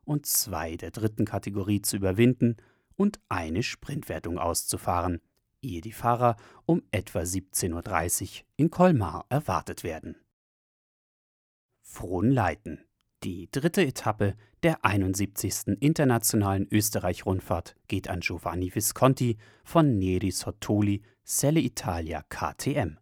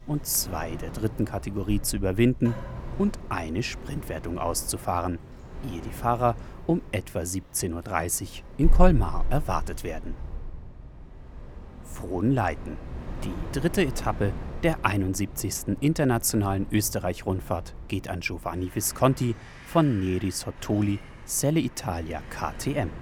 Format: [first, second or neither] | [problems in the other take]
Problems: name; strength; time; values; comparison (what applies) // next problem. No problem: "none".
first | wind in the background; noticeable; throughout; 10 dB below the speech